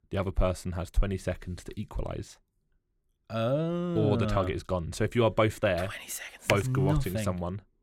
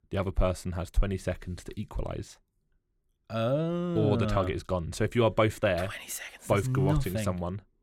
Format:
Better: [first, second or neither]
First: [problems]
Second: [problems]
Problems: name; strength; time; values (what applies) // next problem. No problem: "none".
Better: second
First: keyboard typing; very faint; at 6.5 s; peak 3 dB below the speech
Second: none